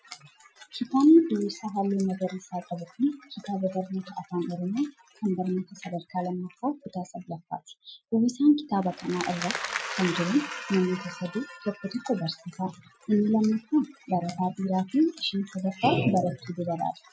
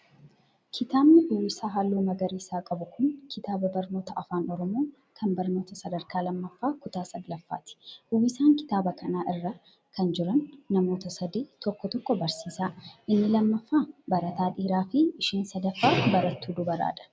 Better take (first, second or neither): second